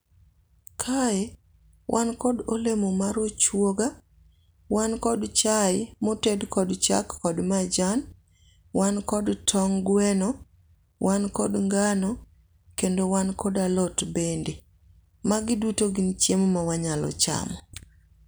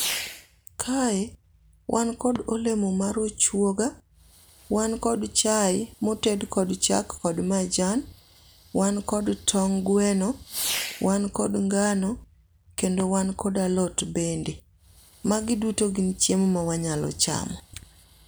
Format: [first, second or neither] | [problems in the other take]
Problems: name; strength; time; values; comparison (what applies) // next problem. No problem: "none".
first | background sound (Fireworks); 16 dB below the speech